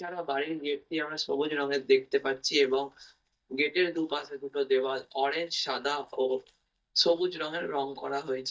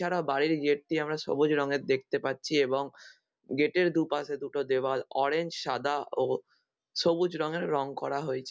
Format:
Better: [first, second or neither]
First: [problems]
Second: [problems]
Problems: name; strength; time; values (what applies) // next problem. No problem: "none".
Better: second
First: noise reduction (neural mask model DeepFilterNet 3)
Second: none